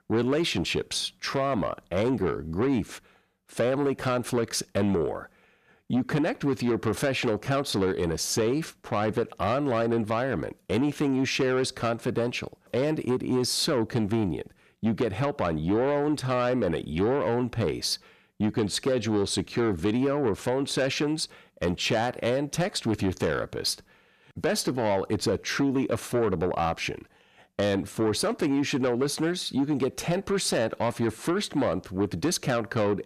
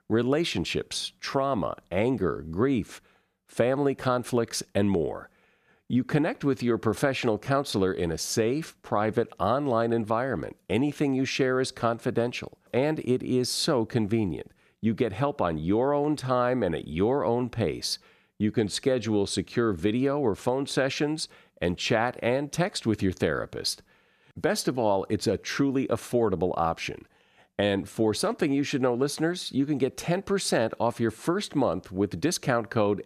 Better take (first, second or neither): second